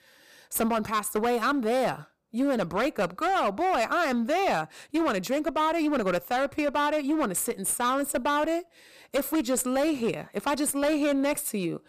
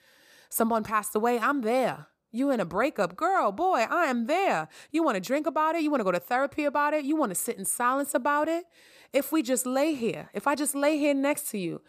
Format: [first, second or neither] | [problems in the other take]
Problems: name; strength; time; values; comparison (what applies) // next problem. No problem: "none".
second | distortion; slight; 15% of the sound clipped